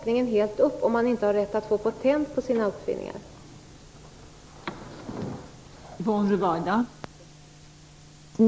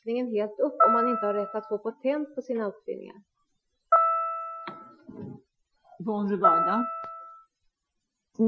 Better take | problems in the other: first | noise reduction (classical method Wiener filter)

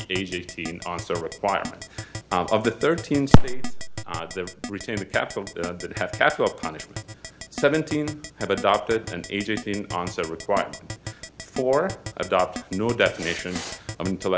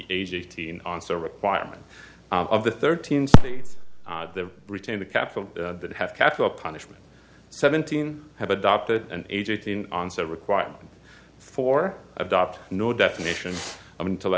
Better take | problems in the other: second | background sound (Keyboard (musical)); 13 dB below the speech

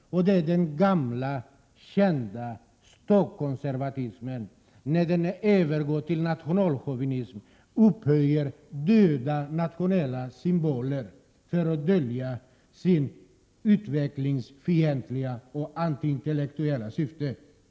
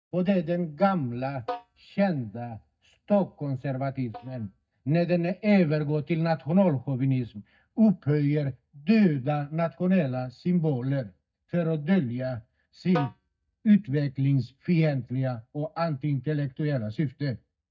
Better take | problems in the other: first | noise reduction (neural mask model DeepFilterNet 3)

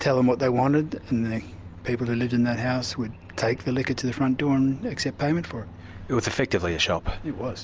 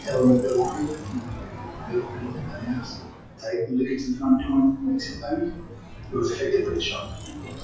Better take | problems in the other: first | noise reduction (classical method WPE with log-MMSE)

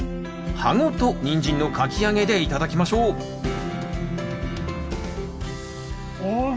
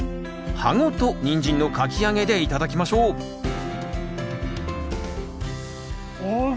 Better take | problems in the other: second | background sound (Motorcycle / Engine); 14 dB below the speech // room echo; dies away in 1.4 s

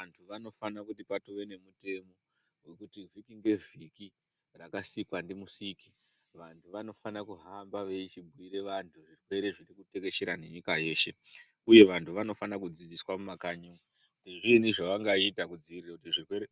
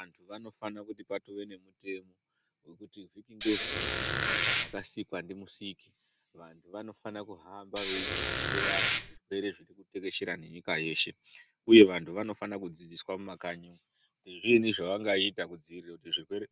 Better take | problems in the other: first | background sound (Squeak); as loud as the speech

